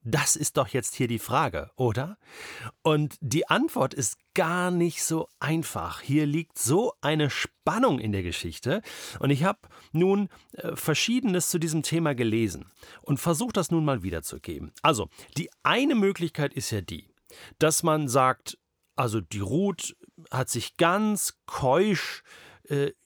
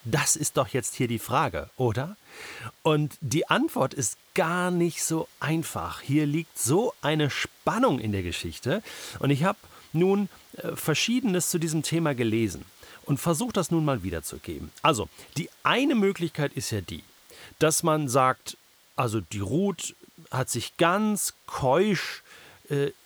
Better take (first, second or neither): first